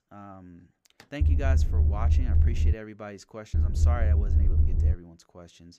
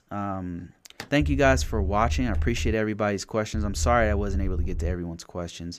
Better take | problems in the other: second | low rumble; loud; from 1 to 2.5 s and from 3.5 to 5 s; 3 dB below the speech; faint in the second

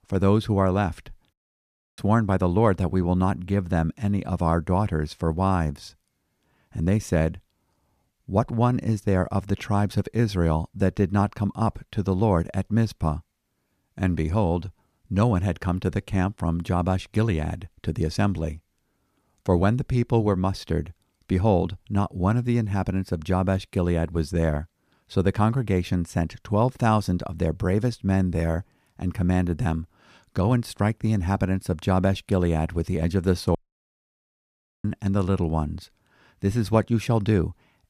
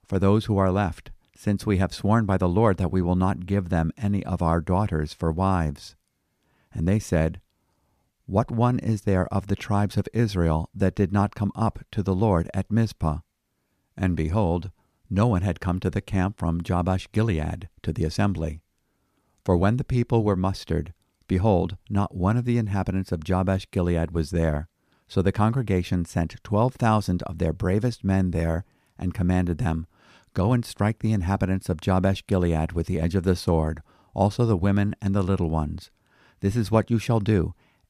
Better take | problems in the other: second | audio cutting out; at 1.5 s for 0.5 s and at 34 s for 1.5 s

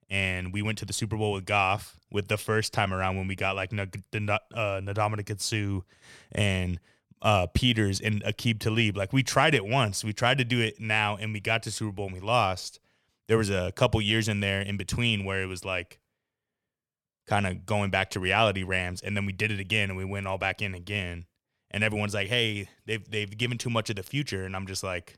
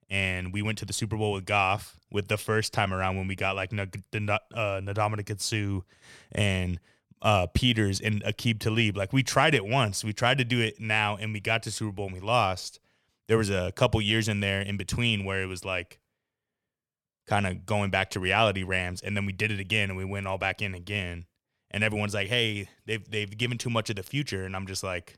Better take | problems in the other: neither | none

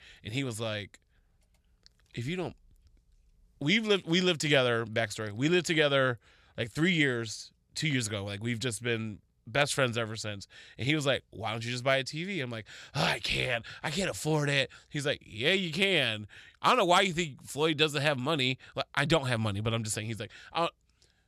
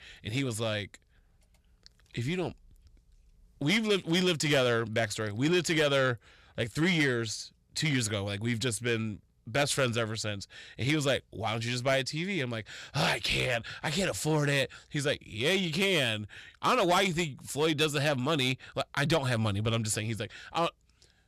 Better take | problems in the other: first | distortion; slight; 10 dB below the speech

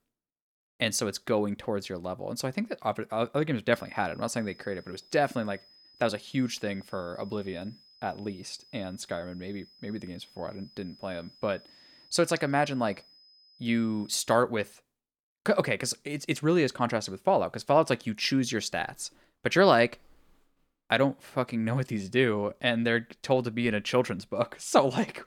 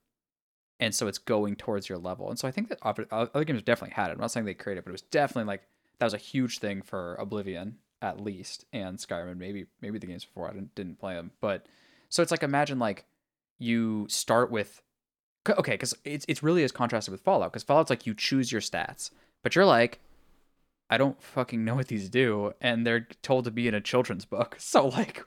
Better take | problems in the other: second | high-pitched whine; faint; from 3.5 to 14 s; 5 kHz, 25 dB below the speech

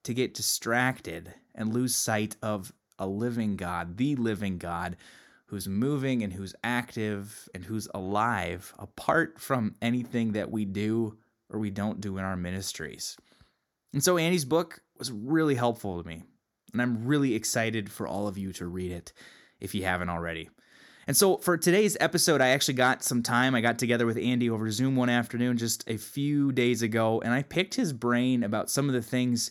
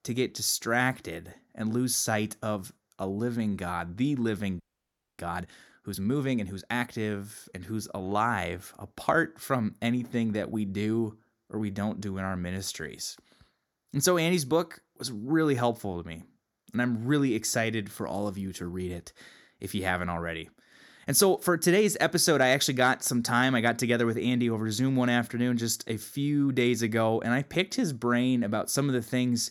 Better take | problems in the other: first | audio freezing; at 4.5 s for 0.5 s

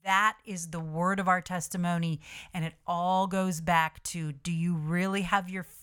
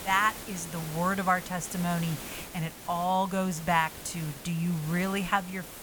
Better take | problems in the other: first | hiss; noticeable; throughout; 10 dB below the speech

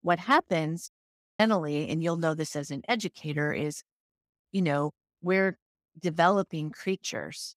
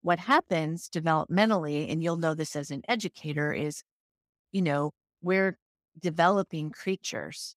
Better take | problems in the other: second | audio cutting out; at 1 s for 0.5 s

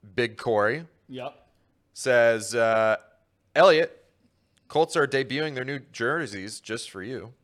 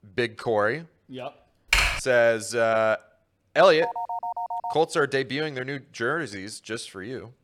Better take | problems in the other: first | keyboard typing; loud; at 1.5 s; peak 3 dB above the speech // phone ringing; noticeable; at 4 s; peak 6 dB below the speech

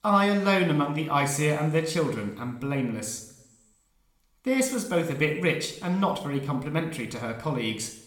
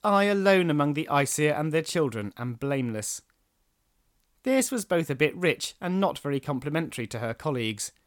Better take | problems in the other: second | room echo; slight; dies away in 0.8 s // off-mic speech; somewhat distant

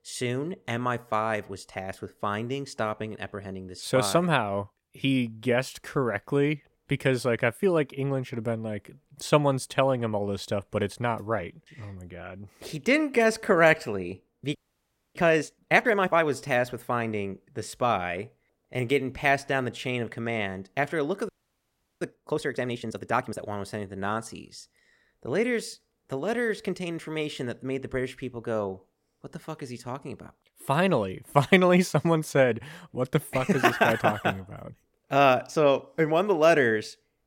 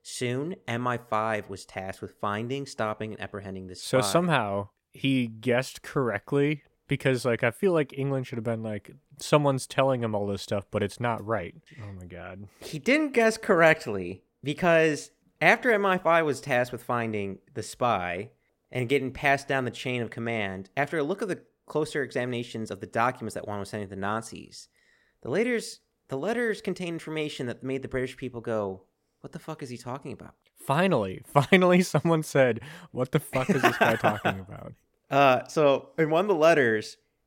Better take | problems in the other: second | audio freezing; at 15 s for 0.5 s and at 21 s for 0.5 s

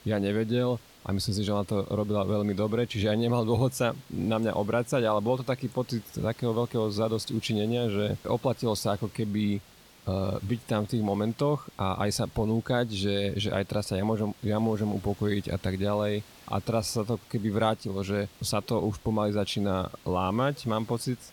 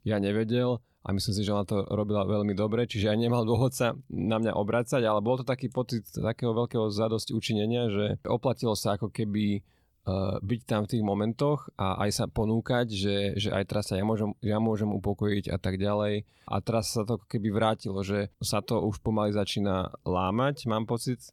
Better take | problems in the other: second | hiss; faint; throughout; 25 dB below the speech

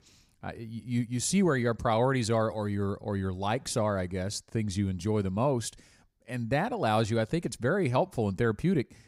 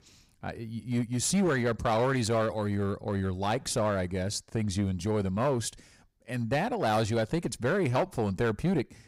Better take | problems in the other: first | distortion; slight; 8% of the sound clipped

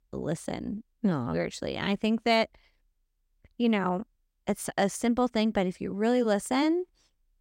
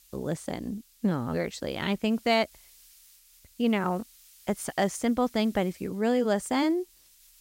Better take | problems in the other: first | hiss; faint; throughout; 25 dB below the speech

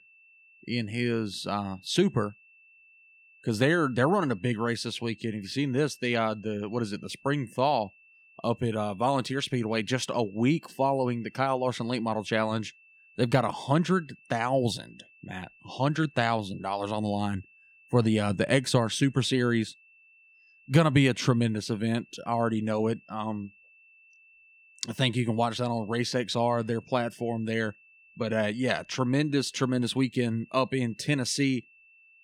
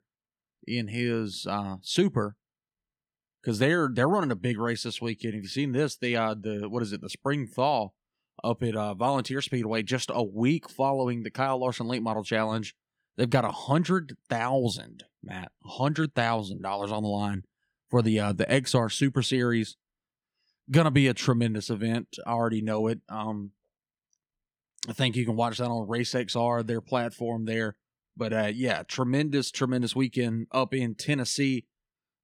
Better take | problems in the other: second | high-pitched whine; faint; throughout; 2.5 kHz, 30 dB below the speech

